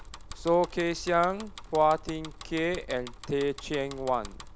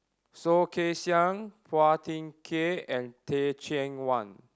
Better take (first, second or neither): second